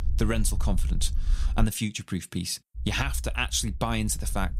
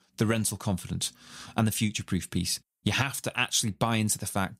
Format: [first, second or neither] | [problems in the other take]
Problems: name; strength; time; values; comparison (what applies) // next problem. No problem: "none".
second | low rumble; faint; until 1.5 s and from 3 s on; 20 dB below the speech